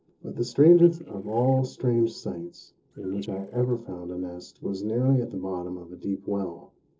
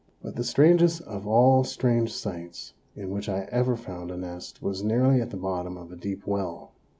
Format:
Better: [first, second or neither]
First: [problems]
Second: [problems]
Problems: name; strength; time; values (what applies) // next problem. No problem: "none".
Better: second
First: noise reduction (neural separator model SepFormer DNS4)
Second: none